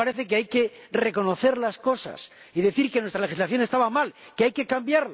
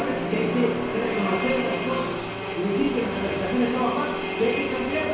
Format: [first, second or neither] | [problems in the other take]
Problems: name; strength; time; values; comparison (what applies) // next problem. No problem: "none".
first | background sound (Drill); 3 dB below the speech // room echo; dies away in 1 s